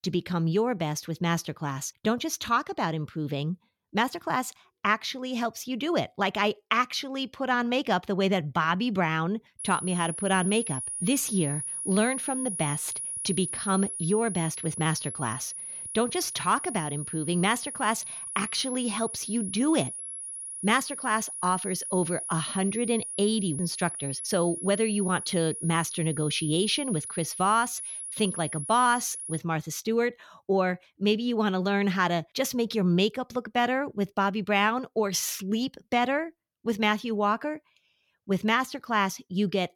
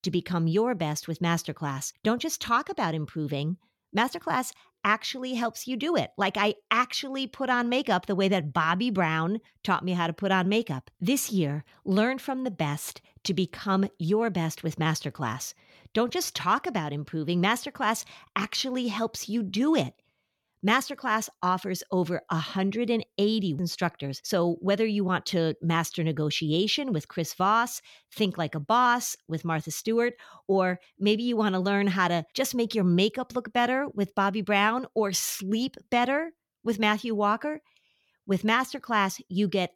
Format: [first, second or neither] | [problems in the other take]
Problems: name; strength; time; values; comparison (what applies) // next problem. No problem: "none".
second | high-pitched whine; loud; from 9.5 to 29 s; 10.5 kHz, 6 dB below the speech